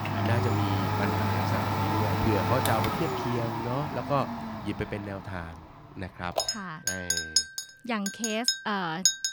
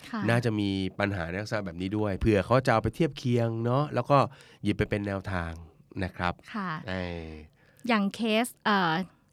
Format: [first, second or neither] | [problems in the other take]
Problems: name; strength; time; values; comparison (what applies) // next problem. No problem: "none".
second | household noises; very loud; throughout; 4 dB above the speech